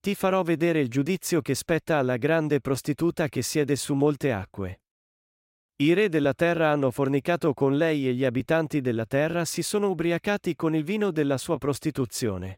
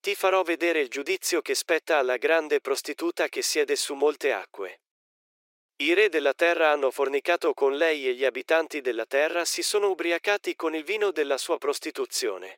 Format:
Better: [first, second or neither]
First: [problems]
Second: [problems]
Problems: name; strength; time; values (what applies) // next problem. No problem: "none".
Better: first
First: none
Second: thin; very; fading below 350 Hz